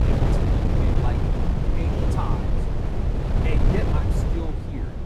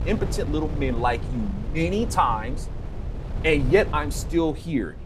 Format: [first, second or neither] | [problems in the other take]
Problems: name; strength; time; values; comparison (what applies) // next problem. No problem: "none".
second | wind noise on the microphone; heavy; 4 dB above the speech; occasional gusts in the second